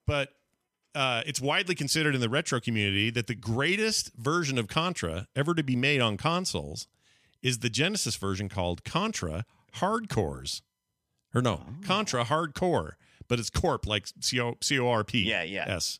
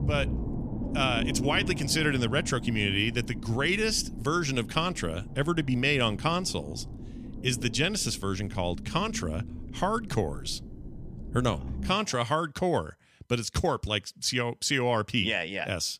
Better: first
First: none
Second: low rumble; noticeable; until 12 s; 15 dB below the speech

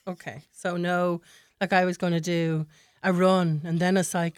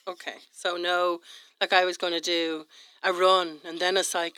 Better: first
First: none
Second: thin; very; fading below 250 Hz

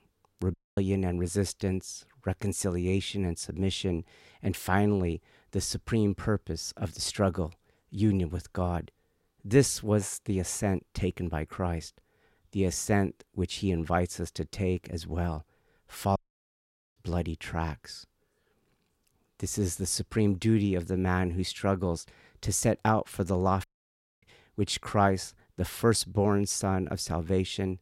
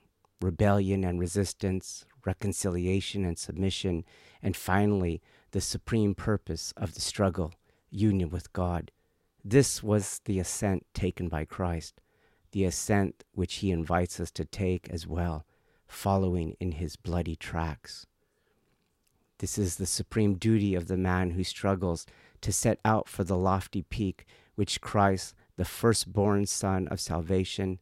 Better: second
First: audio cutting out; at 0.5 s, at 16 s for 1 s and at 24 s for 0.5 s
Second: none

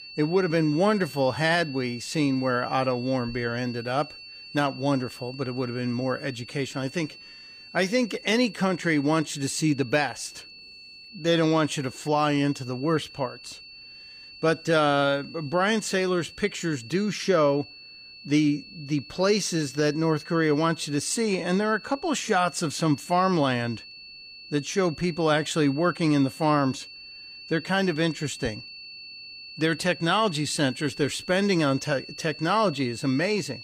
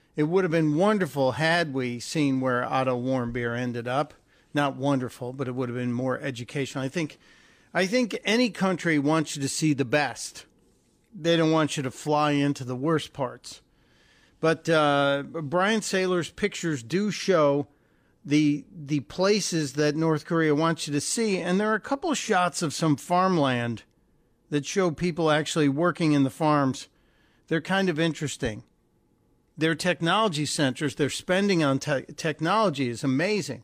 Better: second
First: high-pitched whine; noticeable; throughout; 4.5 kHz, 15 dB below the speech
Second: none

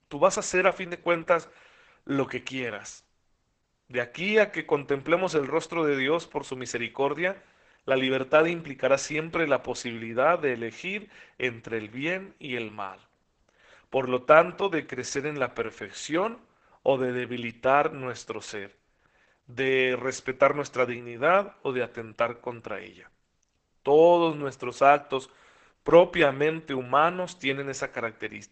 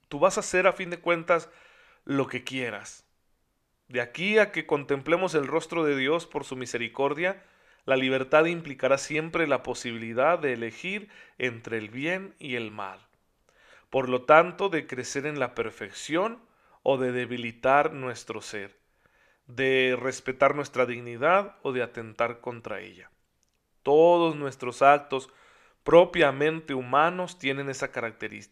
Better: second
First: garbled, watery; badly; nothing above 8 kHz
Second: none

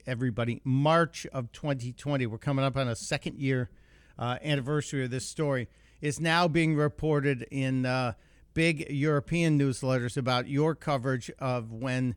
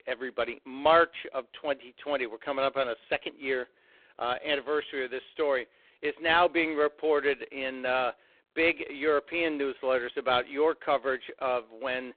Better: first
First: none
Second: phone-call audio; poor line

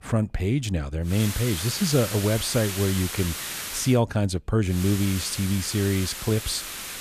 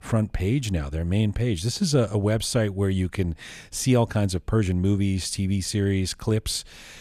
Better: second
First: hiss; loud; from 1 to 4 s and from 4.5 s on; 7 dB below the speech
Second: none

